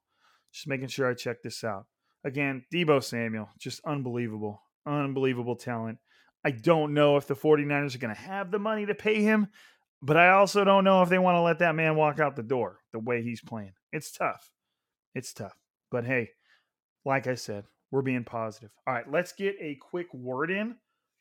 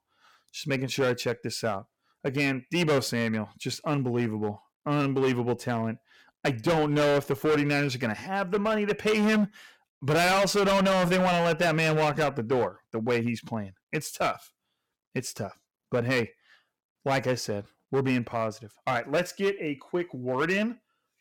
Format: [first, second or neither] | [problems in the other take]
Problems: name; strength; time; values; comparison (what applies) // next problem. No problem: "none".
first | distortion; heavy; 11% of the sound clipped